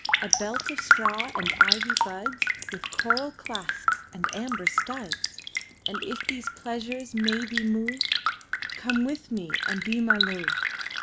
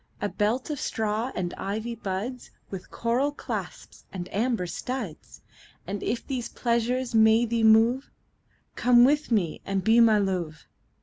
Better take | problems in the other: second | background sound (Raindrop); 5 dB above the speech

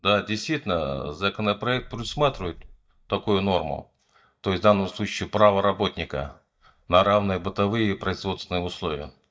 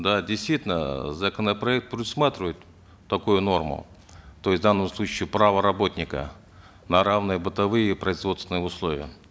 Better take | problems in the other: second | noise reduction (neural mask model DeepFilterNet 3)

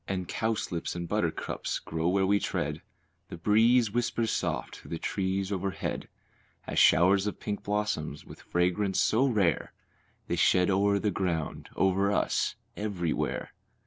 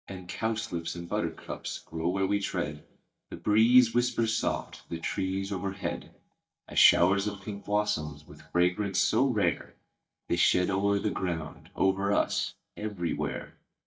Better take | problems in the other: first | noise reduction (neural mask model DeepFilterNet 3)

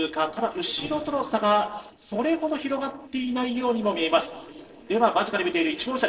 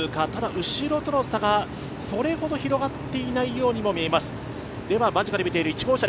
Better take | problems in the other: second | noise reduction (neural separator model SepFormer DNS4)

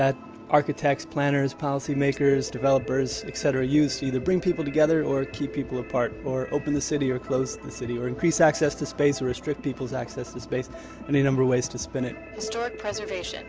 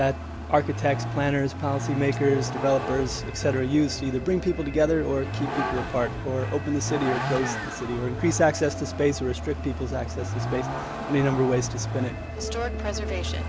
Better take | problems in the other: first | background sound (Vehicle); 5 dB below the speech

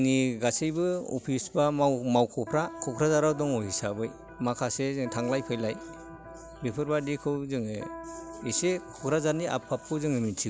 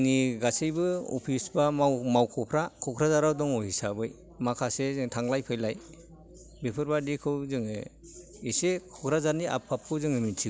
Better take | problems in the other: second | background sound (Electric guitar); 15 dB below the speech

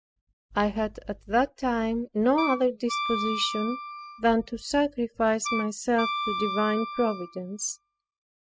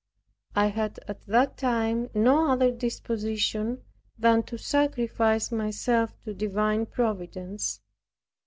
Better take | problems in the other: second | noise reduction (classical method spectral subtraction)

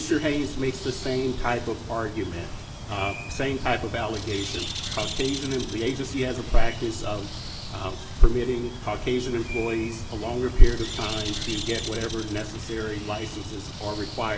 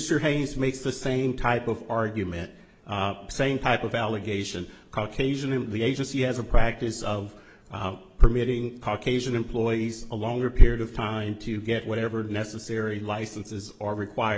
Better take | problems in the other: second | background sound (Bird); 10 dB below the speech // room echo; dies away in 0.6 s

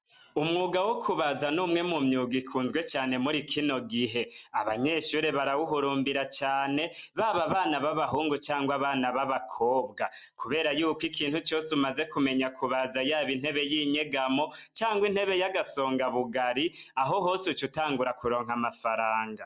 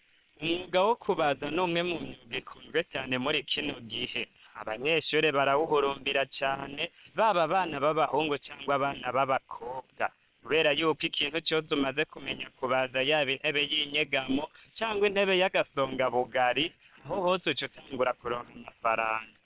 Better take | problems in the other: first | noise reduction (neural separator model SepFormer WHAM!)

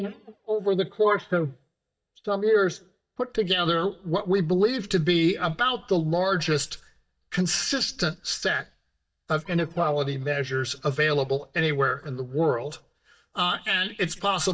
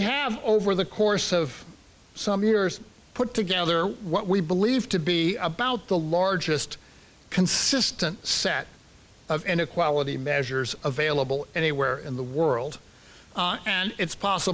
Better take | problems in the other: second | noise reduction (neural mask model DeepFilterNet 3)

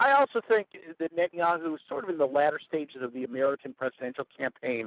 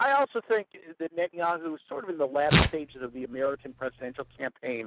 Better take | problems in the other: first | background sound (Tearing); as loud as the speech

